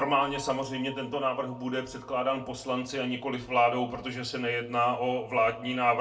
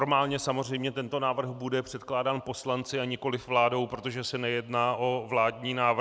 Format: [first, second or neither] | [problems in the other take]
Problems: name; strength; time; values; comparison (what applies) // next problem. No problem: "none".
second | background sound (Bell); 19 dB below the speech // room echo; dies away in 0.3 s